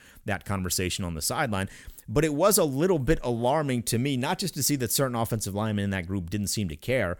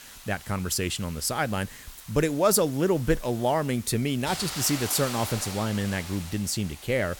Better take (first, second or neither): first